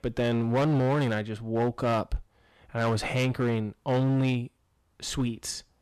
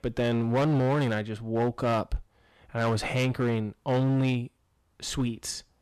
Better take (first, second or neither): neither